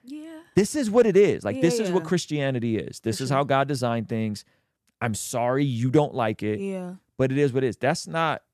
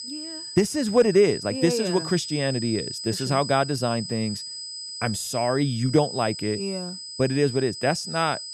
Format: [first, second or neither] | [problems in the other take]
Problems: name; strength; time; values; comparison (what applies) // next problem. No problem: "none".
first | high-pitched whine; loud; throughout; 5 kHz, 9 dB below the speech